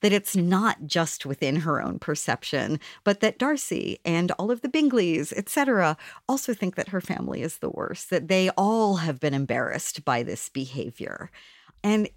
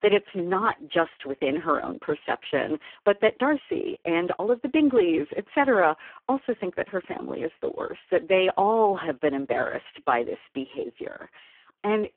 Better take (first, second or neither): first